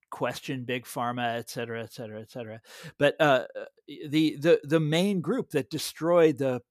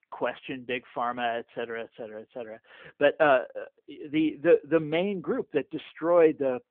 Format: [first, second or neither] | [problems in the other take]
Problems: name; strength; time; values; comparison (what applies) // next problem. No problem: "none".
first | phone-call audio